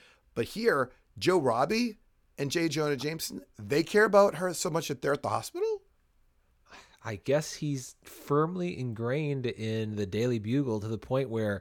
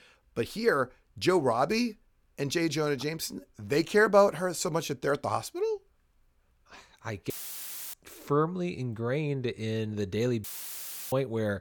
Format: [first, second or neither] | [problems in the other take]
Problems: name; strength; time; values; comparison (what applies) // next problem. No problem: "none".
first | audio cutting out; filled with static; at 7.5 s for 0.5 s and at 10 s for 0.5 s